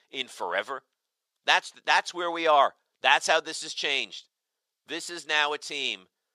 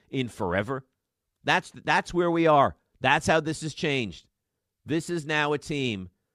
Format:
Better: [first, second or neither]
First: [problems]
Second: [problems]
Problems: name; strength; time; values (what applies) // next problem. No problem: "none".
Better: second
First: thin; very; fading below 700 Hz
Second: none